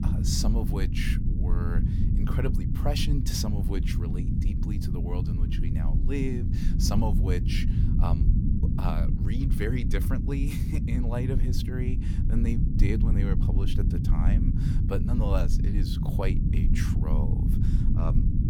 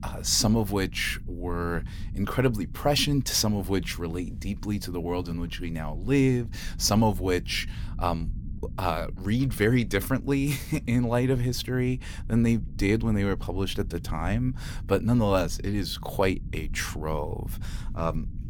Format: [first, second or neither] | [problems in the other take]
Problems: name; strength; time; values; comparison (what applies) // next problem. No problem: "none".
second | low rumble; loud; throughout; 2 dB below the speech; faint in the second